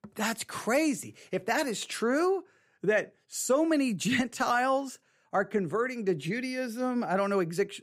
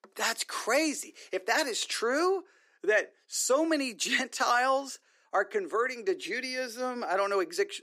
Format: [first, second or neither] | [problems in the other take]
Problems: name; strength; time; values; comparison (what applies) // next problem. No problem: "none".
first | thin; somewhat; fading below 300 Hz